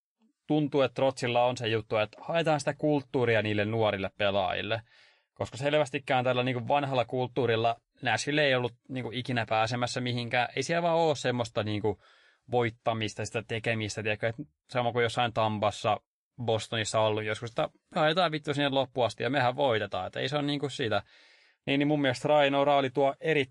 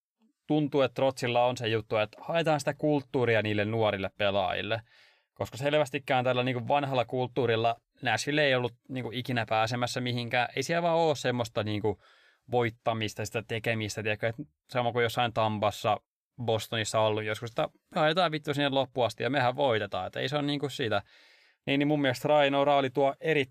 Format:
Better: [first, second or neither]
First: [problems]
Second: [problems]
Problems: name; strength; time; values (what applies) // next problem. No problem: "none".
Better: second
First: garbled, watery; slightly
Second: none